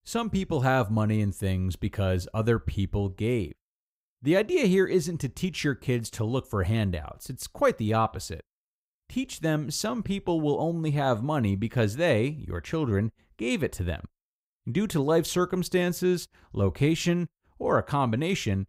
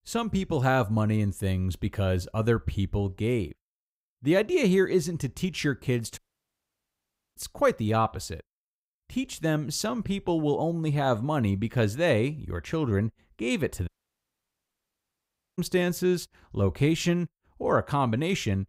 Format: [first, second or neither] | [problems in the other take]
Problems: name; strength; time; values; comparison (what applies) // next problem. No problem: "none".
first | audio cutting out; at 6 s for 1 s and at 14 s for 1.5 s